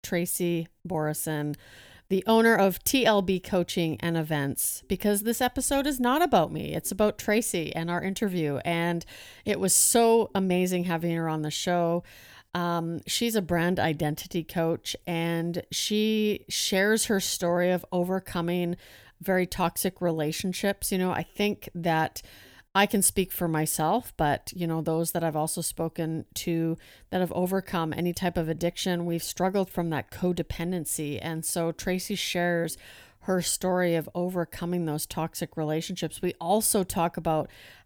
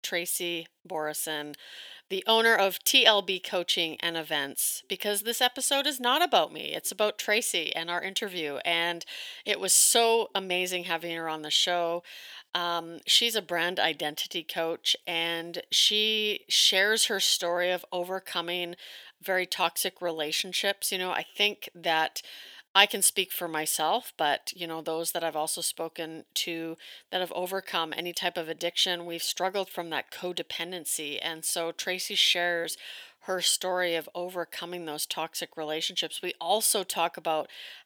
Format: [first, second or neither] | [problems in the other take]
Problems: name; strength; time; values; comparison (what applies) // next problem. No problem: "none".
first | thin; somewhat; fading below 450 Hz